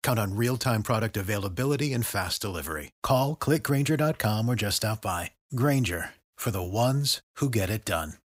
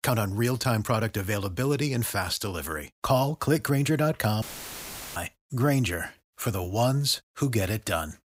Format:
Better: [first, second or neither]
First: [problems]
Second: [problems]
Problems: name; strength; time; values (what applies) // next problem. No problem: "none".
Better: first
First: none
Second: audio cutting out; filled with static; at 4.5 s for 0.5 s